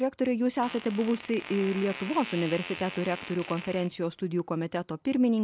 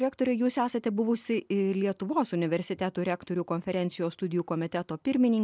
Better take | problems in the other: second | background sound (Fart); 14 dB below the speech

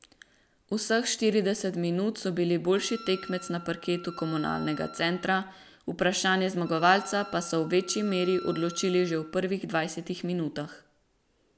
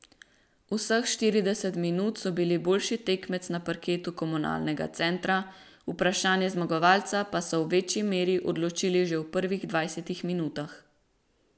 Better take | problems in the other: second | background sound (Wind instrument, woodwind instrument); 17 dB below the speech

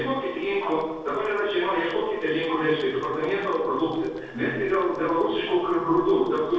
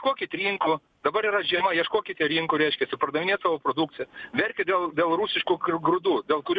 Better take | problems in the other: second | noise reduction (neural separator model SepFormer DNS4)

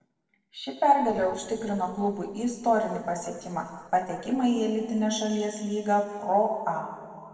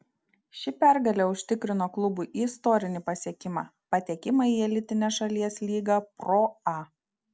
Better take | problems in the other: second | noise reduction (neural separator model SepFormer DNS4)

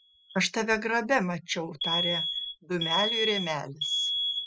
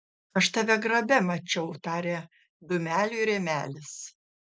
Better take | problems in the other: second | noise reduction (classical method spectral subtraction)

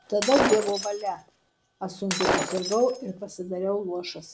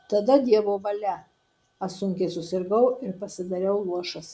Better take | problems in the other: second | background sound (Shatter); 3 dB below the speech

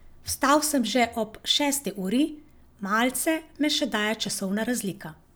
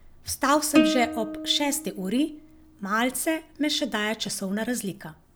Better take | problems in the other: first | background sound (Plucked string instrument); 3 dB below the speech

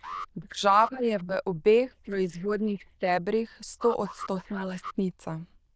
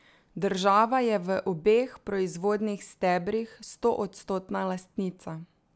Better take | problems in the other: second | noise reduction (neural diffusion model UNIVERSE++)

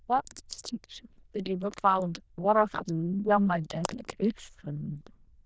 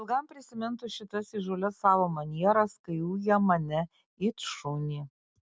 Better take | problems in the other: second | noise reduction (neural diffusion model UNIVERSE++)

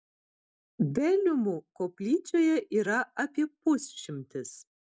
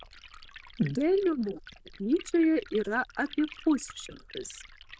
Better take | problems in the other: first | noise reduction (neural diffusion model UNIVERSE++)

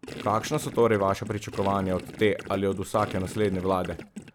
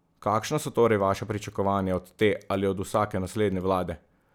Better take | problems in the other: second | background sound (Gurgling); 13 dB below the speech

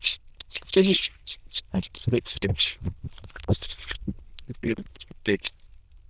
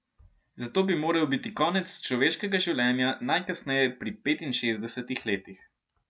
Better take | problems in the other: second | noise reduction (neural diffusion model UNIVERSE++)

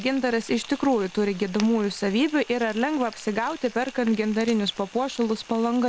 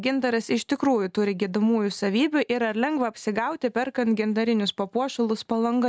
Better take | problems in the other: second | background sound (Frying (food)); 19 dB below the speech

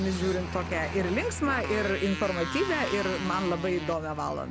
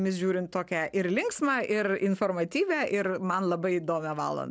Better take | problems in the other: second | background sound (Motorcycle + Aircraft); 6 dB below the speech

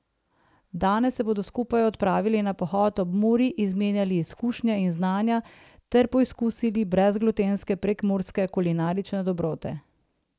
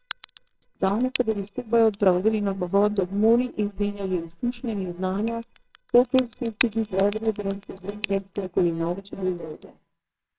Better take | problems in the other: first | noise reduction (neural separator model SepFormer WHAMR!)

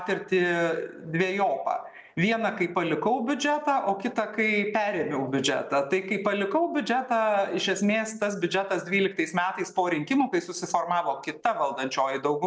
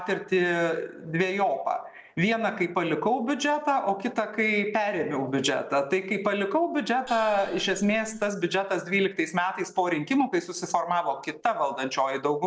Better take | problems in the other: first | noise reduction (neural separator model SepFormer DNS4)

